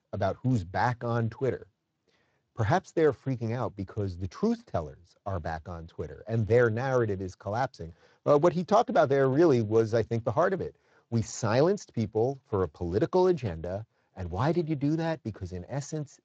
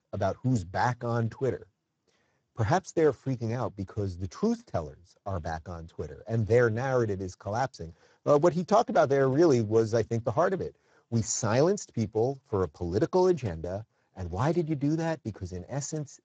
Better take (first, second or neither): first